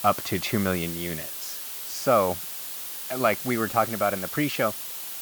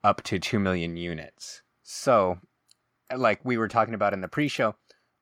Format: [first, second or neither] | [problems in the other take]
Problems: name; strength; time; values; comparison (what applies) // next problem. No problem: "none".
second | hiss; loud; throughout; 6 dB below the speech